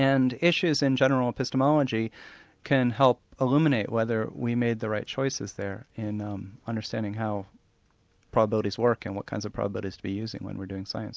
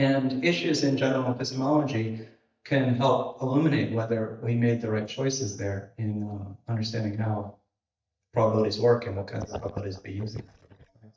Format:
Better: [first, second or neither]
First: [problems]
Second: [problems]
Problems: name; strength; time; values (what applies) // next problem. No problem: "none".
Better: first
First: none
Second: noise reduction (neural mask model DeepFilterNet 3)